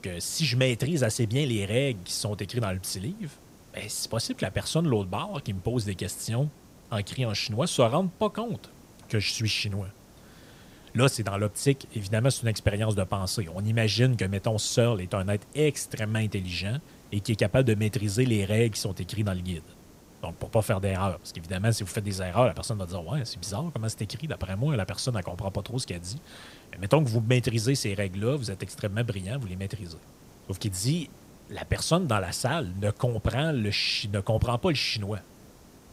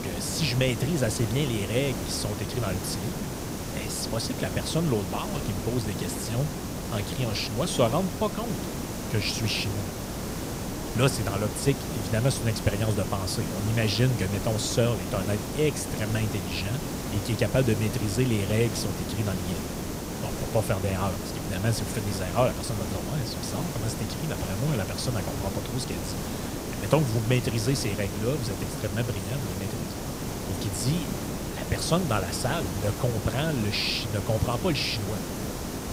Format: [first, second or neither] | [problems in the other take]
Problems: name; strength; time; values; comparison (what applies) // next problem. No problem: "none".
first | hiss; loud; throughout; 4 dB below the speech; faint in the first